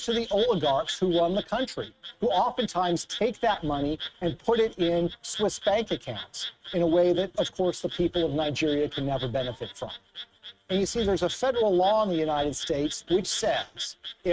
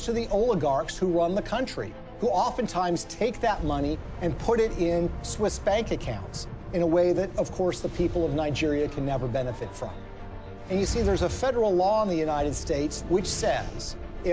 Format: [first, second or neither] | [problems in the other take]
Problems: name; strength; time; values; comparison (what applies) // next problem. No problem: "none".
second | noise reduction (neural mask model RNNoise)